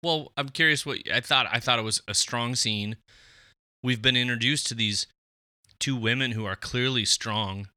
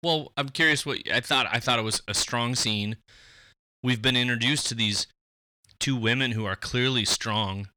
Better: first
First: none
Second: distortion; slight; 10 dB below the speech

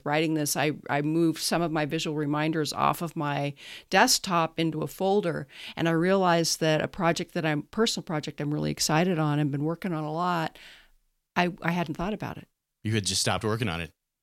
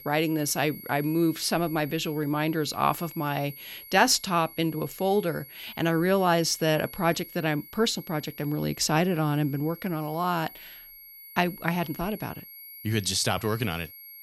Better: first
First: none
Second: high-pitched whine; noticeable; throughout; 11.5 kHz, 15 dB below the speech

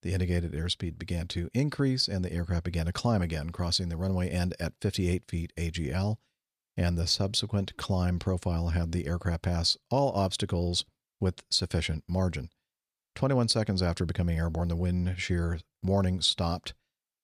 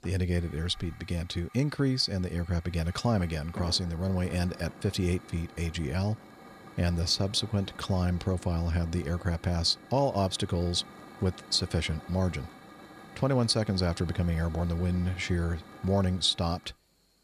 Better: first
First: none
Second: hiss; noticeable; throughout; 20 dB below the speech

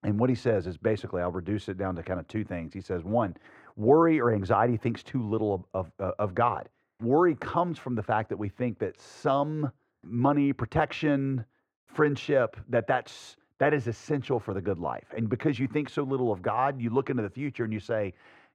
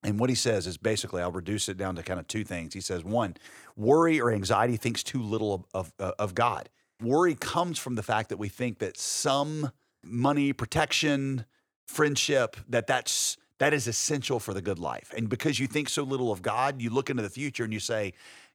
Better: second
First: muffled; very; fading above 3.5 kHz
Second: none

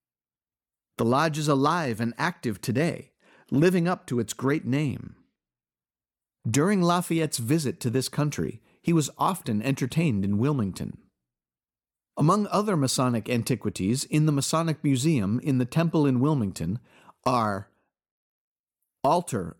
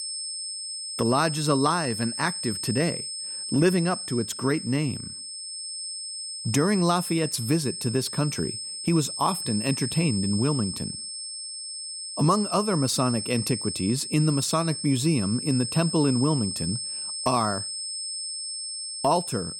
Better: first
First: none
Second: high-pitched whine; loud; throughout; 5.5 kHz, 5 dB below the speech

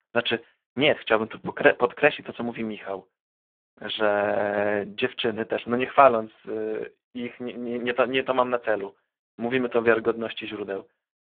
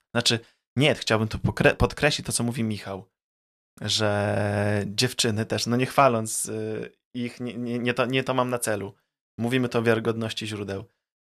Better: second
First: phone-call audio; poor line; nothing above 3.5 kHz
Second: none

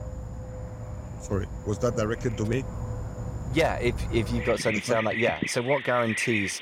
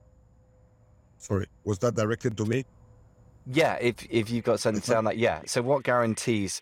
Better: second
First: animal sounds; loud; throughout; 6 dB below the speech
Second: animal sounds; faint; throughout; 30 dB below the speech

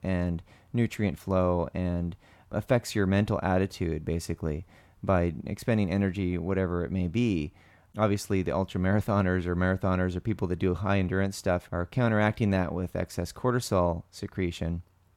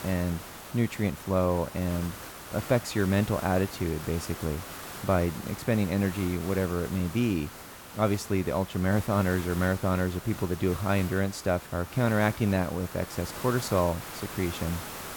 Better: first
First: none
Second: hiss; noticeable; throughout; 10 dB below the speech

